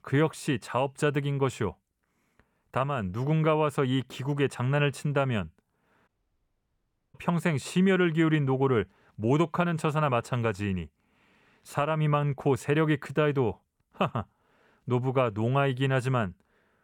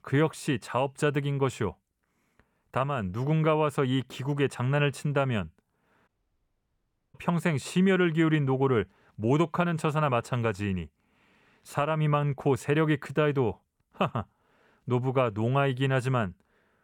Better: neither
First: audio cutting out; at 6 s for 1 s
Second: audio cutting out; at 6 s for 1 s

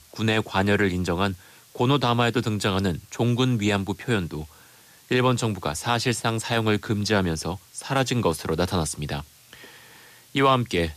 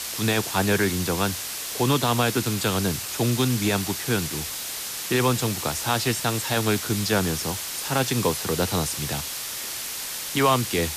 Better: first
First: hiss; faint; throughout; 25 dB below the speech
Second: hiss; loud; throughout; 4 dB below the speech

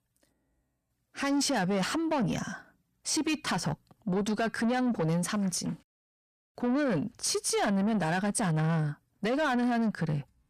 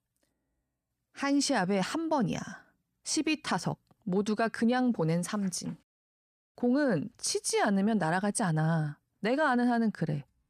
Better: second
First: distortion; slight; 10 dB below the speech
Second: none

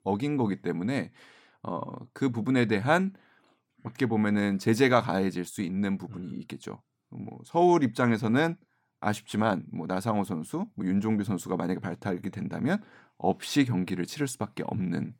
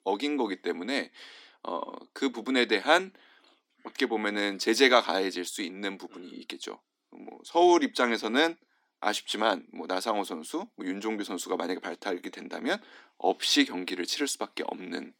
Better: first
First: none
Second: thin; somewhat; fading below 250 Hz

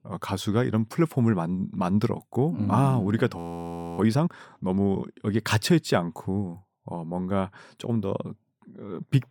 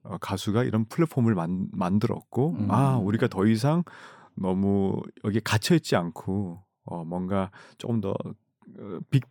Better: second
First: audio freezing; at 3.5 s for 0.5 s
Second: none

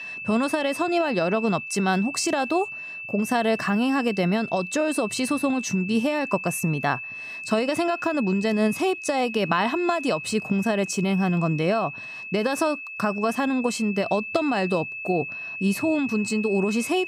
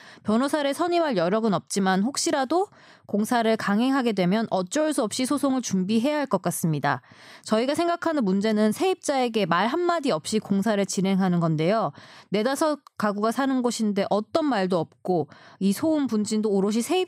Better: second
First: high-pitched whine; loud; throughout; 2.5 kHz, 8 dB below the speech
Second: none

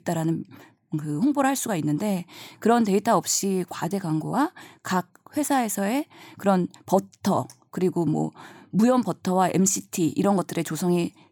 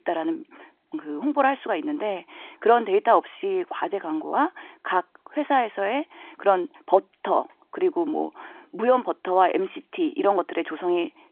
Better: first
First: none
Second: phone-call audio

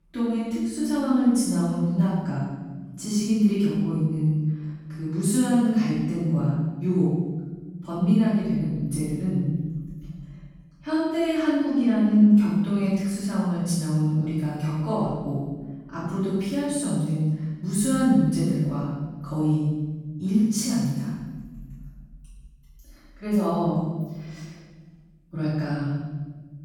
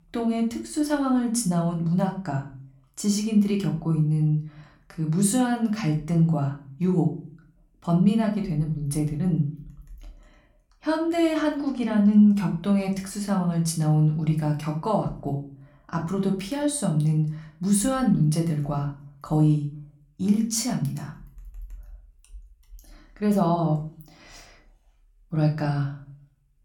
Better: second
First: room echo; strong; dies away in 1.5 s // off-mic speech; far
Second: room echo; slight; dies away in 0.4 s // off-mic speech; somewhat distant

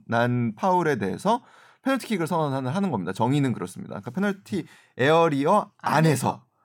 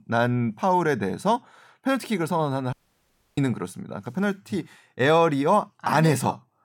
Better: first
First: none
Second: audio cutting out; at 2.5 s for 0.5 s

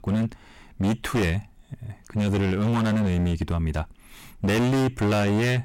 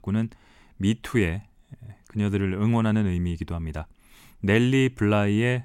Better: second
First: distortion; heavy; 25% of the sound clipped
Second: none

